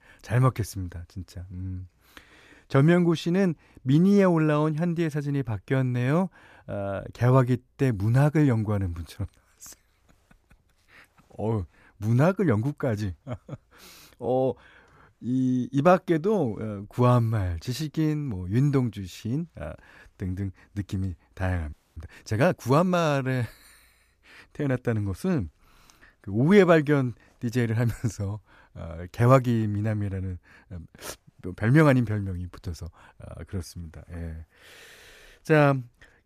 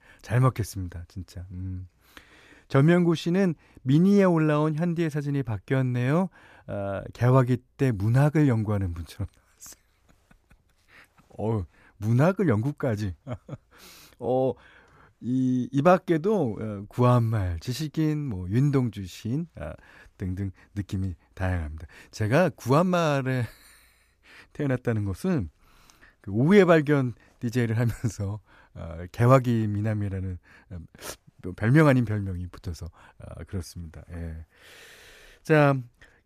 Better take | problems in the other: second | audio freezing; at 22 s

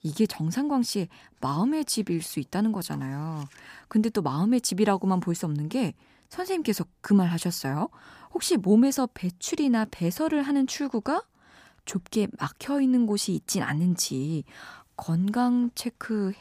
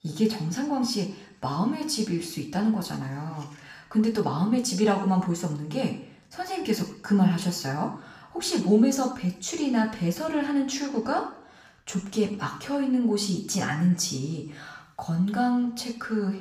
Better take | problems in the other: first | room echo; slight; dies away in 0.6 s // off-mic speech; somewhat distant

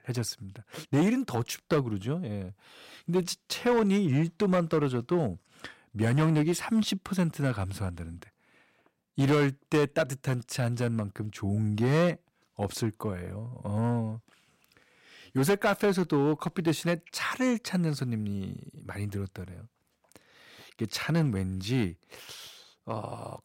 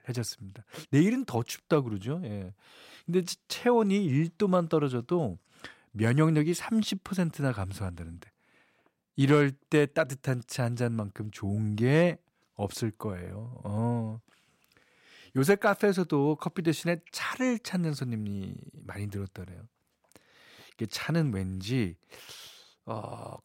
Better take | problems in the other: second | distortion; slight; 4% of the sound clipped

